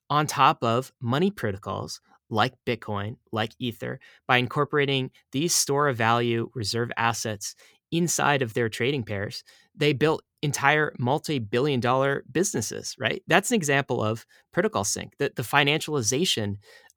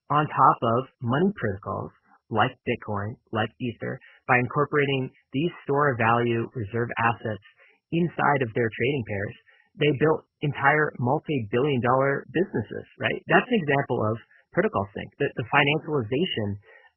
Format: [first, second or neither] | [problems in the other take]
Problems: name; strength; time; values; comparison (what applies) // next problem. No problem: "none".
first | garbled, watery; badly; nothing above 3 kHz